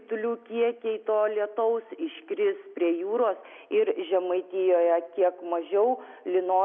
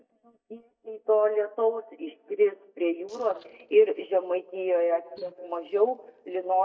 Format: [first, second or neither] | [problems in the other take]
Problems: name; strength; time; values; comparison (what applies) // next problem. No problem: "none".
first | noise reduction (neural mask model DeepFilterNet 3)